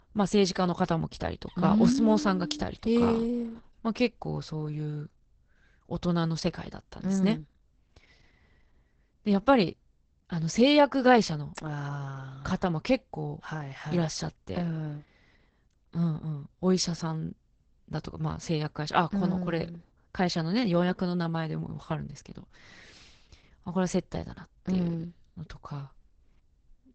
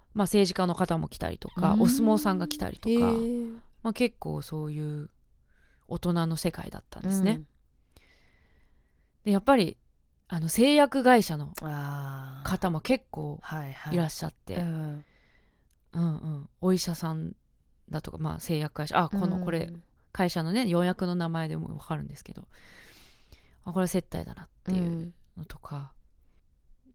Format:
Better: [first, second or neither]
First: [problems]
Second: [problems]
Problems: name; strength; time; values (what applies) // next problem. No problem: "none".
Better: second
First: garbled, watery; badly; nothing above 8 kHz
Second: garbled, watery; slightly